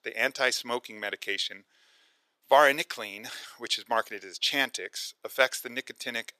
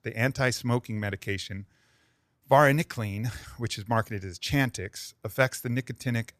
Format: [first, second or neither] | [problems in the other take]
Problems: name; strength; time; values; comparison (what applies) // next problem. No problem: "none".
second | thin; very; fading below 400 Hz